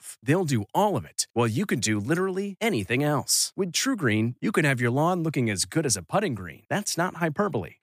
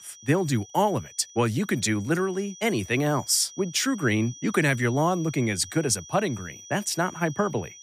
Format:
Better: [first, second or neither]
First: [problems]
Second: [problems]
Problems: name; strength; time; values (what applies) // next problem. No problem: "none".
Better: first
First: none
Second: high-pitched whine; noticeable; throughout; 6 kHz, 20 dB below the speech